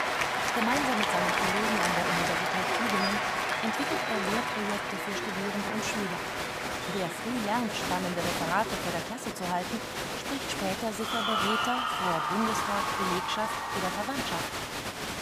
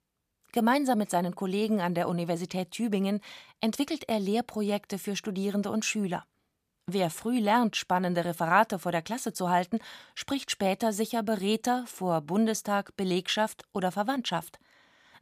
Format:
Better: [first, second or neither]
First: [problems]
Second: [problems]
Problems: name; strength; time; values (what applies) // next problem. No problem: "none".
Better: second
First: crowd noise; very loud; throughout; 4 dB above the speech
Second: none